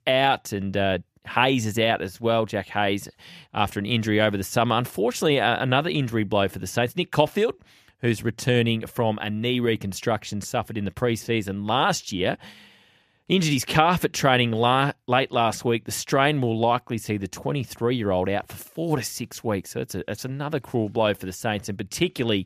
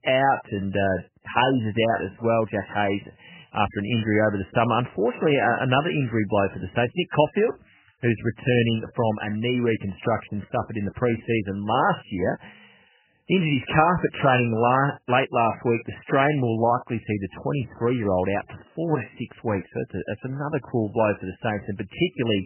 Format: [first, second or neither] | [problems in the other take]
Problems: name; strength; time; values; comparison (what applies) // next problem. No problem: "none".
first | garbled, watery; badly; nothing above 3 kHz